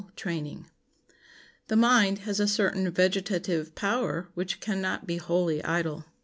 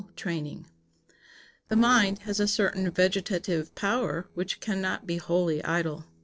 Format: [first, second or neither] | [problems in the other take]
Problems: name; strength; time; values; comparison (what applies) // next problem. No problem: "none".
first | noise reduction (neural separator model SepFormer DNS4)